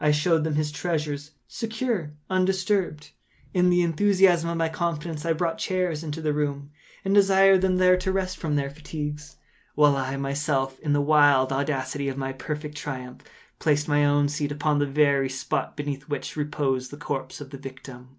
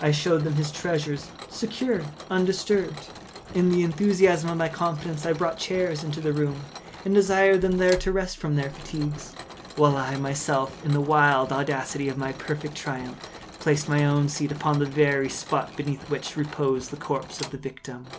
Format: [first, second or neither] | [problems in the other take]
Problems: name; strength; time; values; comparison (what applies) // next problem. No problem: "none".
first | background sound (Mechanisms); 17 dB below the speech